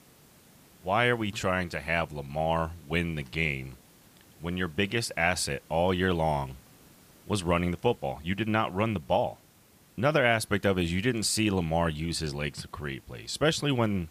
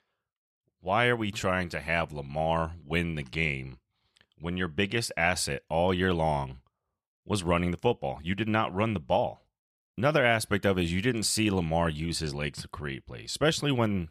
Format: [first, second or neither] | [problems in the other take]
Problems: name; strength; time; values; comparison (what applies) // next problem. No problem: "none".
second | hiss; faint; throughout; 30 dB below the speech